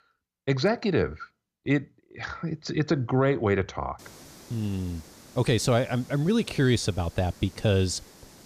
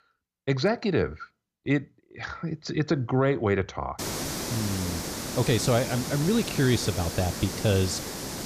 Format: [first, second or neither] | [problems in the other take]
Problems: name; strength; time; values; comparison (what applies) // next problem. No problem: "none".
first | hiss; loud; from 4 s on; 5 dB below the speech; faint in the first